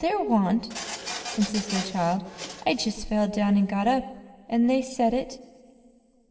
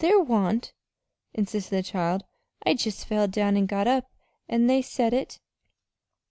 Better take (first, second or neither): second